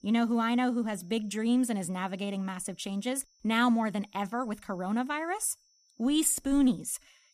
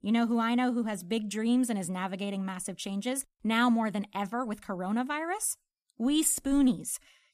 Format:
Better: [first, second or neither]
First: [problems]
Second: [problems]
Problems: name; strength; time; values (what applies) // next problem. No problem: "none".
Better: second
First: high-pitched whine; faint; throughout; 6 kHz, 35 dB below the speech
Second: none